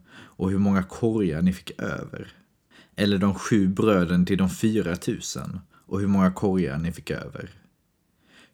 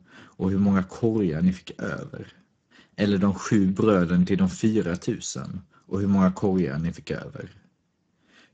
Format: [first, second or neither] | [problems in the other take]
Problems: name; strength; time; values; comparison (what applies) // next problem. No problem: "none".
first | garbled, watery; badly; nothing above 7.5 kHz